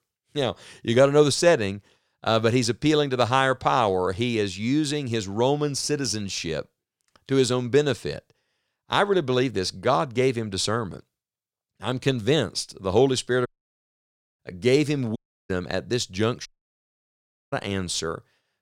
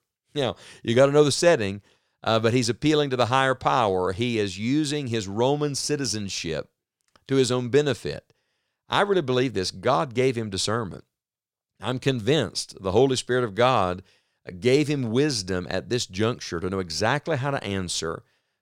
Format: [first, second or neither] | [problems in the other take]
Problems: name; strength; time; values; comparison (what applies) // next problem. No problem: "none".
second | audio cutting out; at 13 s for 1 s, at 15 s and at 16 s for 1 s